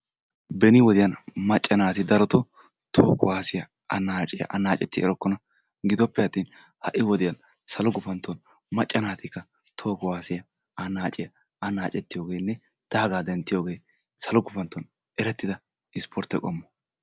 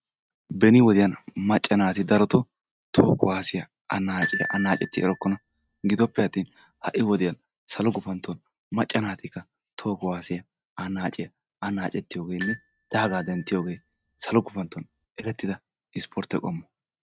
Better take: first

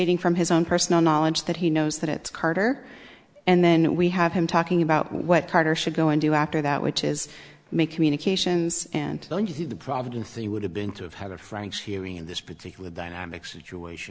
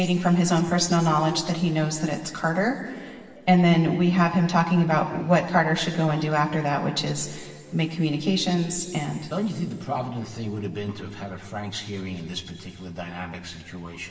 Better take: first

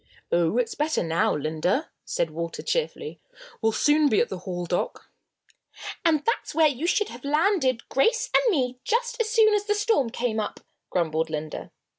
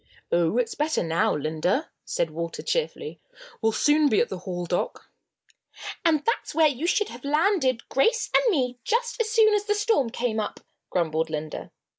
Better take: first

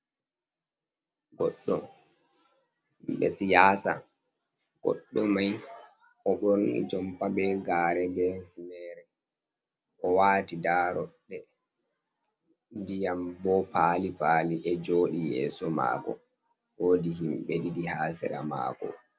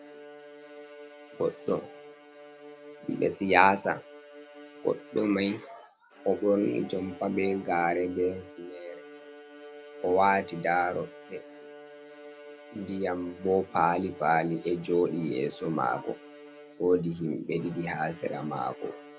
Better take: first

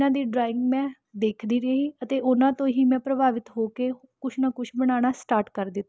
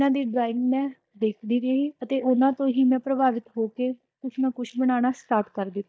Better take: first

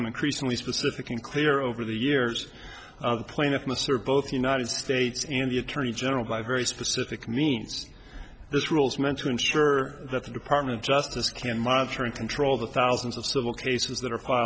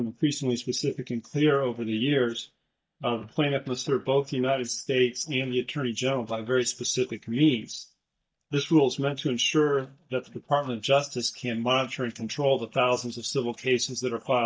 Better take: first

